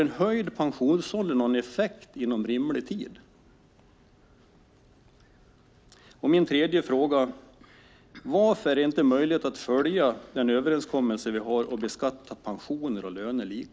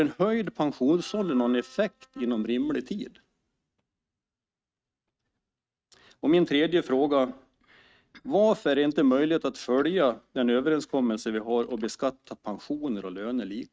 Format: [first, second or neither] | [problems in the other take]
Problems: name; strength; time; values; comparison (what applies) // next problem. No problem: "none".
first | noise reduction (neural mask model RNNoise)